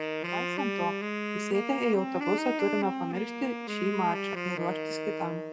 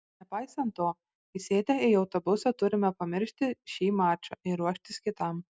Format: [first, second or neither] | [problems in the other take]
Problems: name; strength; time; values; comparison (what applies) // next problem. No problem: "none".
second | background sound (Wind instrument, woodwind instrument); 1 dB below the speech // room echo; dies away in 1.4 s